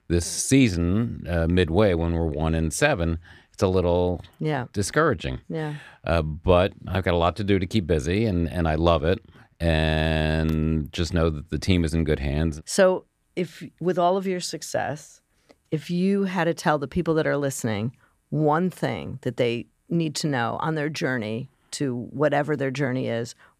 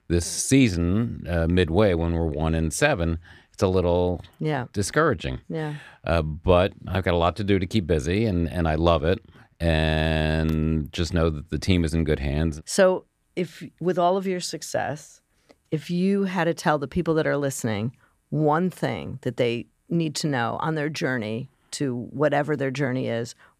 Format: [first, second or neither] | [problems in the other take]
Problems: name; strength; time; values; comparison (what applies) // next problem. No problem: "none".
neither | none